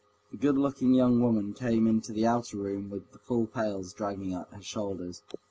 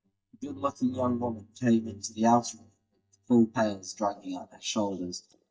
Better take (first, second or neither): first